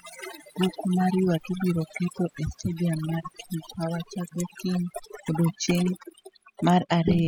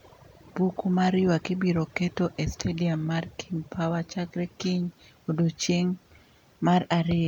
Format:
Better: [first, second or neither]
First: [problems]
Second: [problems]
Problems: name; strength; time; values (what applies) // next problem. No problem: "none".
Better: second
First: noise reduction (classical method spectral subtraction)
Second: none